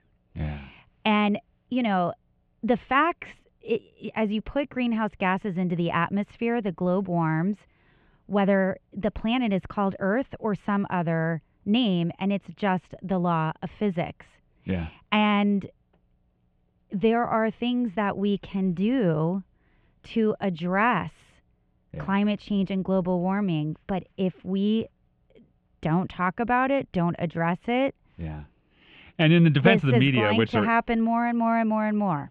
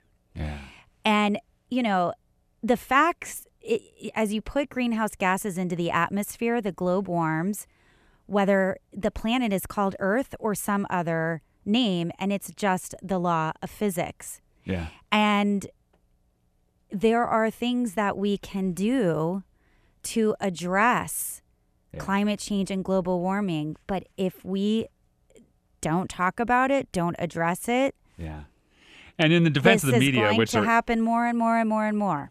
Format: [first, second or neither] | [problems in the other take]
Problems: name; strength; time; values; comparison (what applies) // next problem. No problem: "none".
second | muffled; very; fading above 3 kHz